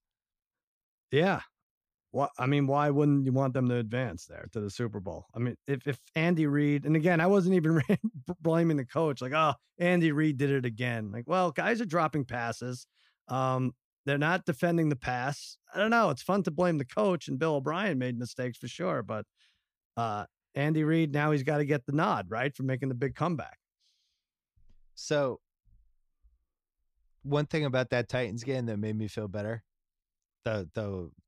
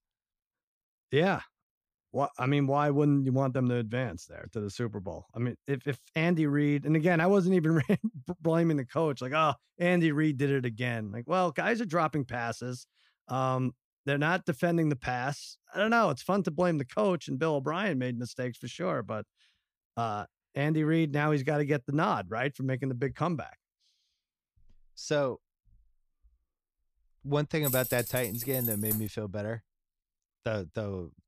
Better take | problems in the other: first | jangling keys; noticeable; from 28 to 29 s; peak 1 dB below the speech

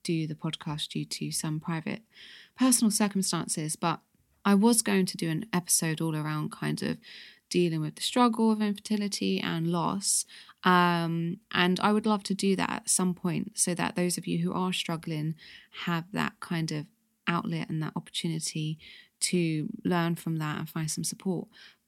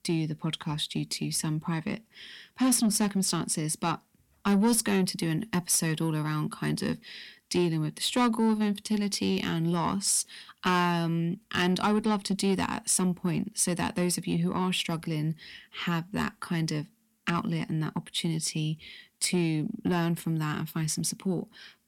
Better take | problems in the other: first | distortion; slight; 10 dB below the speech

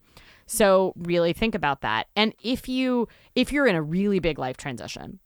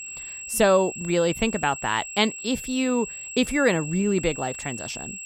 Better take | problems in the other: first | high-pitched whine; loud; throughout; 7.5 kHz, 10 dB below the speech

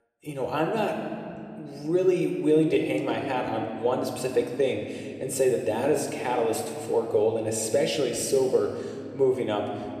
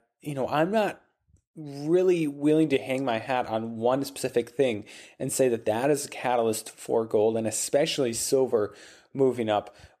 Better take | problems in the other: second | room echo; slight; dies away in 2.2 s

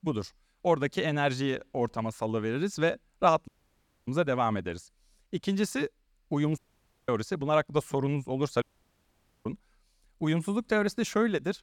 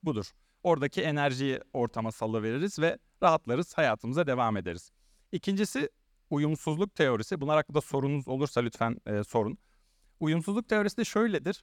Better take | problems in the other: second | audio cutting out; at 3.5 s for 0.5 s, at 6.5 s for 0.5 s and at 8.5 s for 1 s

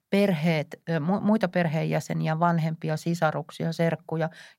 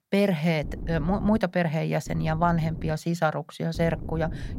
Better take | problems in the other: first | wind noise on the microphone; occasional gusts; at 0.5 s, at 2 s and at 4 s; 20 dB below the speech

